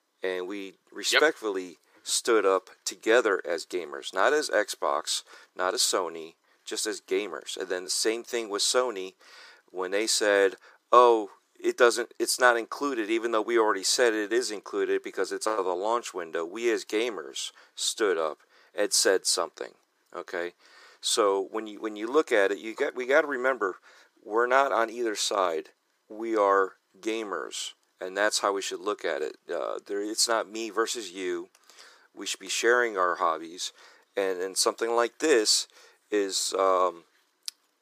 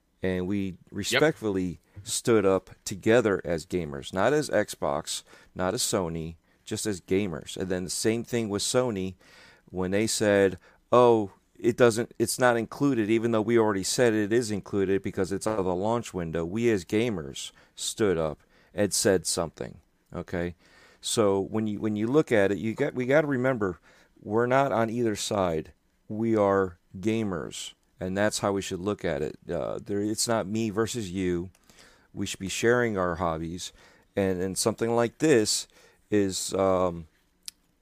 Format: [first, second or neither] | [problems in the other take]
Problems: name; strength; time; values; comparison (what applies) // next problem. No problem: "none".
second | thin; very; fading below 350 Hz